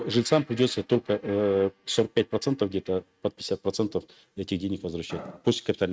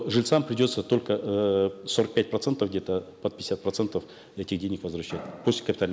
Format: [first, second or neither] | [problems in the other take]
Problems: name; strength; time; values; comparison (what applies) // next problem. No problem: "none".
second | noise reduction (neural mask model RNNoise)